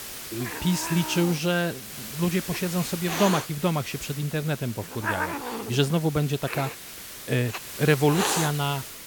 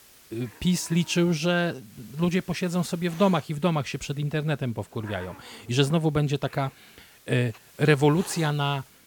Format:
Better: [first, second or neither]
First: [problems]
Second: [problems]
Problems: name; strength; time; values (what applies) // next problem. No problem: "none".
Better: second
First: hiss; loud; throughout; 6 dB below the speech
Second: hiss; faint; throughout; 25 dB below the speech